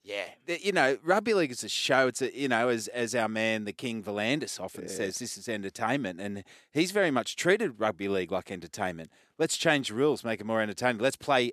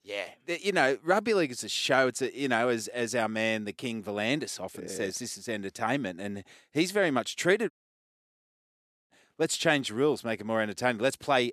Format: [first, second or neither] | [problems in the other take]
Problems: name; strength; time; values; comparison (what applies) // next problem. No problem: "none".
first | audio cutting out; at 7.5 s for 1.5 s